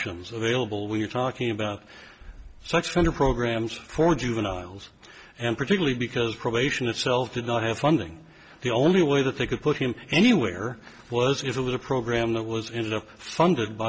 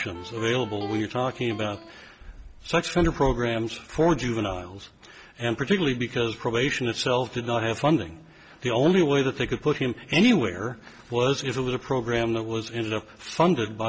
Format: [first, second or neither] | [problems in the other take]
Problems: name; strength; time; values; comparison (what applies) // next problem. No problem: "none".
first | background sound (Electric guitar); 15 dB below the speech